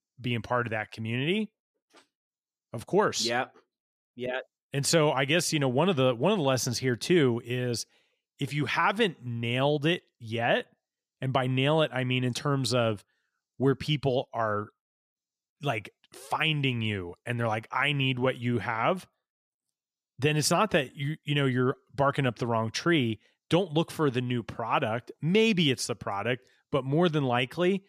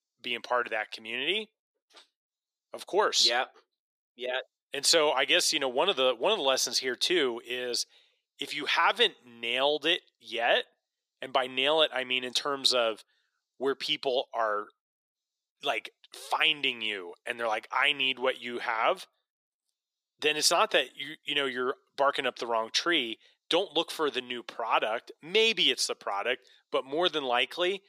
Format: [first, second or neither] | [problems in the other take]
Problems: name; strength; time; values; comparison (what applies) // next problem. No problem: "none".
first | thin; very; fading below 400 Hz